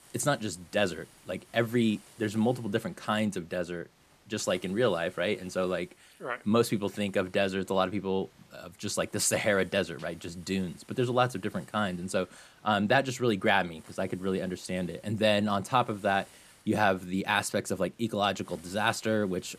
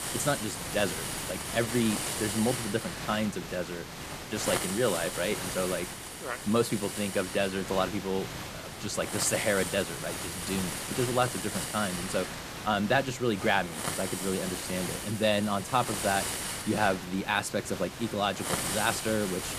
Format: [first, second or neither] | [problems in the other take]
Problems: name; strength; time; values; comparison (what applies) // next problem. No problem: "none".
first | hiss; loud; throughout; 4 dB below the speech; faint in the first